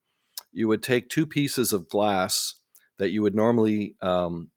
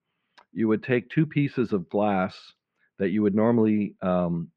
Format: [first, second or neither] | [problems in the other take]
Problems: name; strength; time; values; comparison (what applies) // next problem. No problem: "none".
first | muffled; very; fading above 2.5 kHz